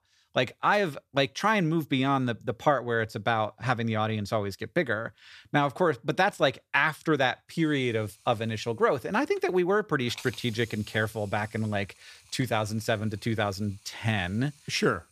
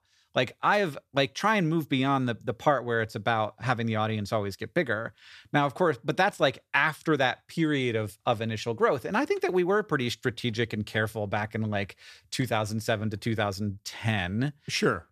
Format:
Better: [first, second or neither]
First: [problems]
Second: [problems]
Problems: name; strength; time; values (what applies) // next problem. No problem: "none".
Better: second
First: hiss; faint; from 7.5 s on; 25 dB below the speech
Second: none